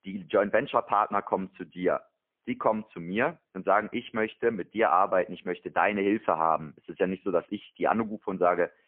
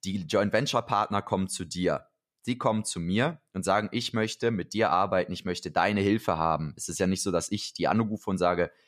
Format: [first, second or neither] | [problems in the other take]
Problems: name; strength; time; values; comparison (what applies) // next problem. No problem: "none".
second | phone-call audio; poor line; nothing above 3.5 kHz